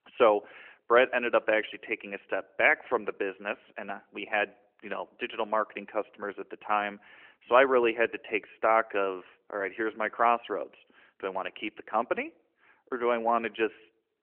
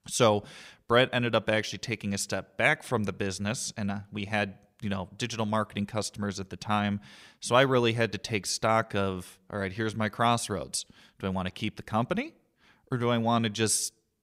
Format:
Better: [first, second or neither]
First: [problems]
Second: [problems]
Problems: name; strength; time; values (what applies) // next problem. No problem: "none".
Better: second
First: phone-call audio; nothing above 3 kHz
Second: none